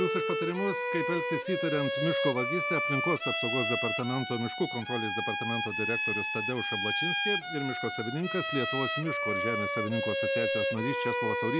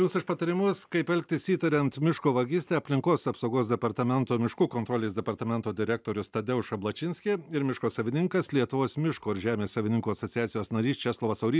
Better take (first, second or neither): second